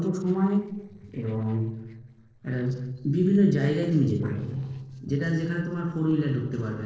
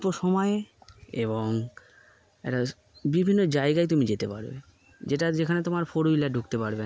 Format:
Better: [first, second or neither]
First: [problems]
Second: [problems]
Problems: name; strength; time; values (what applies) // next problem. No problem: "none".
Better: second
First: noise reduction (neural separator model SepFormer DNS4)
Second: none